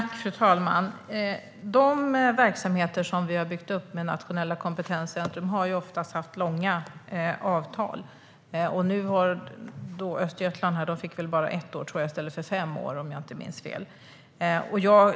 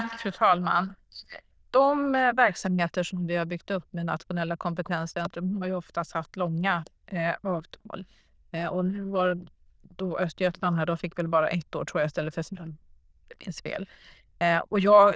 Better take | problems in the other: first | noise reduction (neural diffusion model UNIVERSE++)

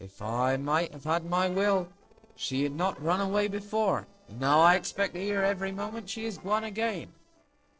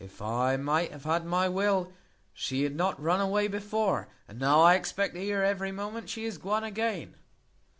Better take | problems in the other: second | noise reduction (neural separator model SepFormer DNS4)

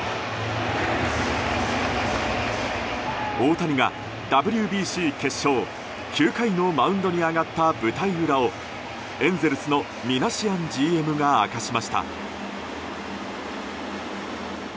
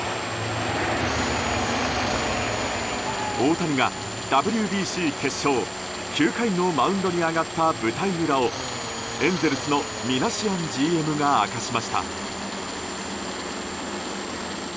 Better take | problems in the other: first | background sound (Tools); 9 dB below the speech

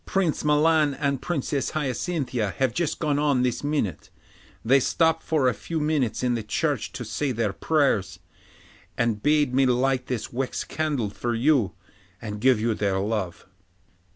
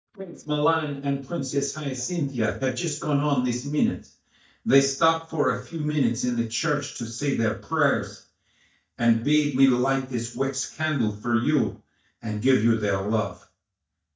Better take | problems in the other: first | noise reduction (neural mask model DeepFilterNet 3)

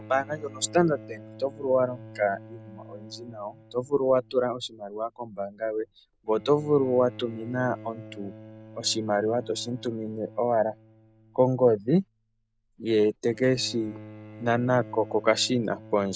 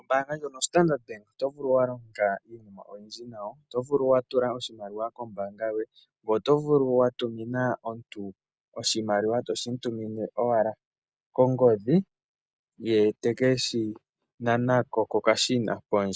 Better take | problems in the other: second | background sound (Bowed string instrument); 19 dB below the speech

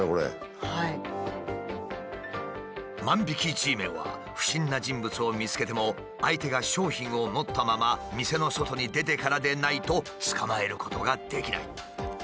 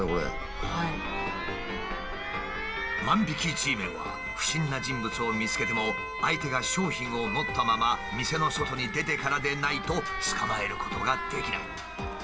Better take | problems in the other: first | background sound (Alarm); 5 dB below the speech // room echo; dies away in 0.3 s

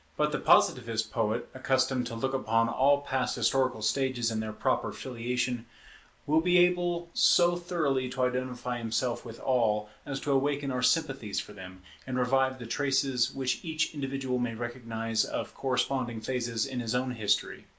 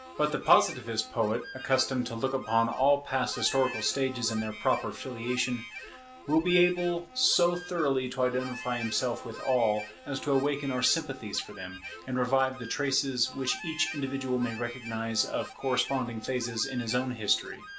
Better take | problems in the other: first | background sound (Harmonica); 15 dB below the speech

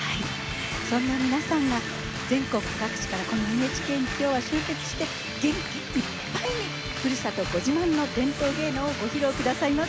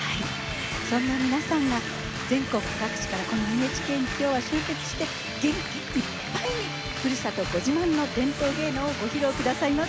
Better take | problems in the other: first | background sound (Cheering); 18 dB below the speech

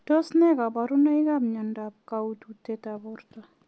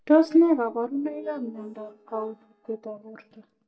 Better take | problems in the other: first | noise reduction (neural mask model DeepFilterNet 3)

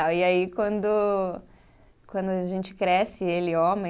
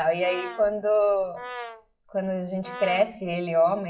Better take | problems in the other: first | noise reduction (classical method WPE with log-MMSE)

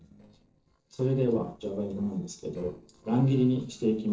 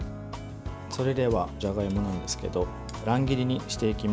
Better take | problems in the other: second | noise reduction (neural separator model SepFormer DNS4)

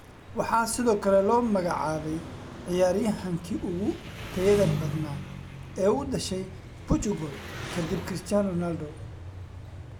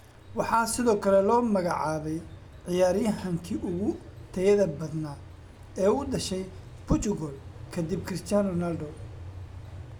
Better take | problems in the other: second | background sound (Engine); 11 dB below the speech

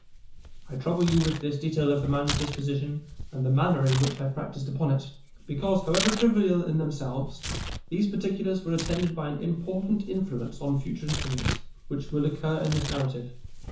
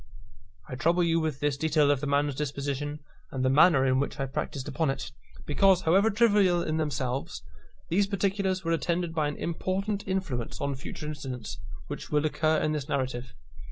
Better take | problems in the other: second | background sound (Tearing); 10 dB below the speech // room echo; dies away in 0.9 s

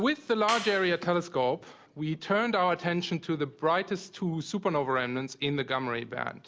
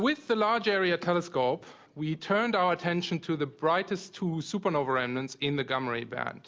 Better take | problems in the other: second | background sound (Clapping); 9 dB below the speech

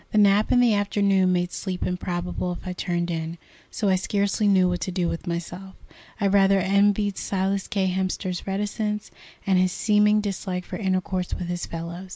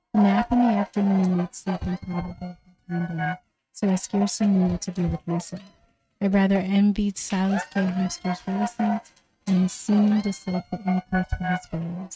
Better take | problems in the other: first | noise reduction (neural mask model RNNoise)

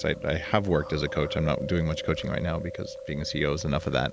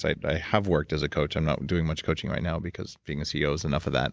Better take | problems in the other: second | background sound (Chewing, mastication); 11 dB below the speech

